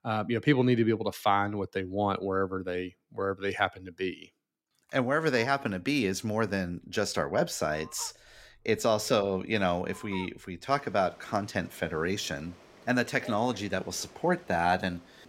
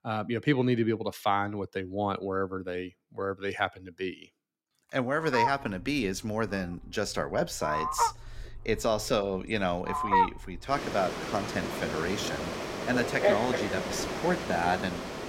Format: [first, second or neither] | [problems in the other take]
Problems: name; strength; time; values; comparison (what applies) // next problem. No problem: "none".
first | animal sounds; loud; from 5.5 s on; as loud as the speech; faint in the first